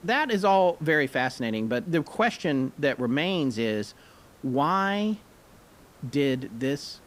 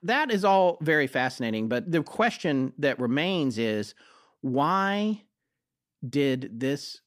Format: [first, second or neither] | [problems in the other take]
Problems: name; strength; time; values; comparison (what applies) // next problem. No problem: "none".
second | hiss; faint; throughout; 30 dB below the speech